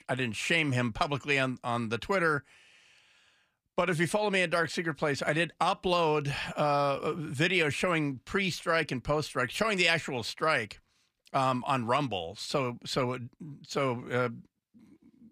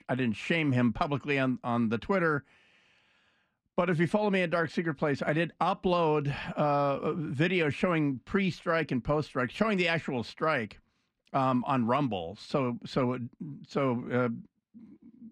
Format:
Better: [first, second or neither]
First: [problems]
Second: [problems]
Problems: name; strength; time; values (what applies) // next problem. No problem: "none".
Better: first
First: none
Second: muffled; slightly; fading above 2 kHz